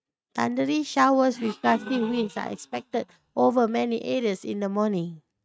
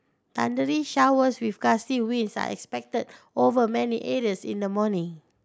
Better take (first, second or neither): second